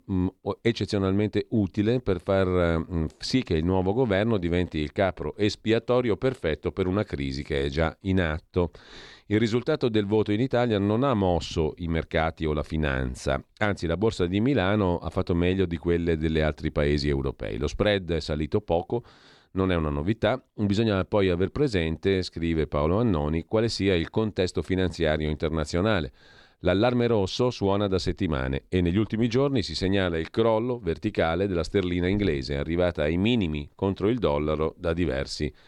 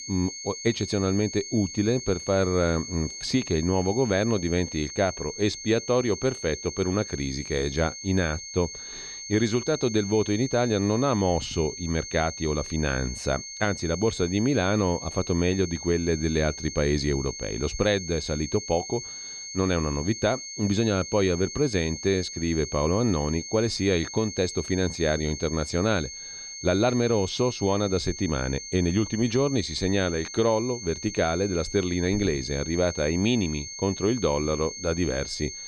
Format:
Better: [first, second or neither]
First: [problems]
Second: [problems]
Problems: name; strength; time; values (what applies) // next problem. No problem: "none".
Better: first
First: none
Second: high-pitched whine; loud; throughout; 6.5 kHz, 9 dB below the speech